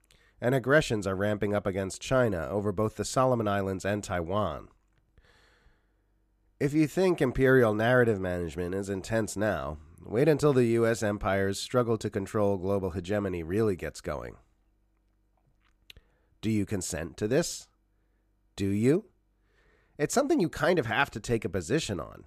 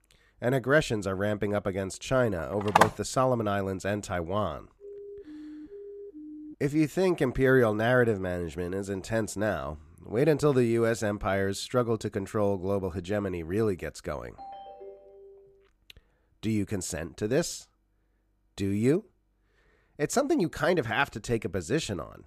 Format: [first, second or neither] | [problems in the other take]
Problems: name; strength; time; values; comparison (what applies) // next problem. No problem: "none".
first | phone ringing; loud; at 3 s; peak 4 dB above the speech // siren; faint; from 5 to 6.5 s; peak 15 dB below the speech // phone ringing; faint; from 14 to 16 s; peak 15 dB below the speech